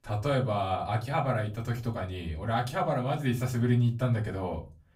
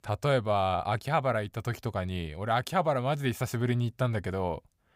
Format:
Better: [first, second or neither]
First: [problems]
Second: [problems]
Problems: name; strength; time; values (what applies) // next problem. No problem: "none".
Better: second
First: off-mic speech; far // room echo; very slight; dies away in 0.3 s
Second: none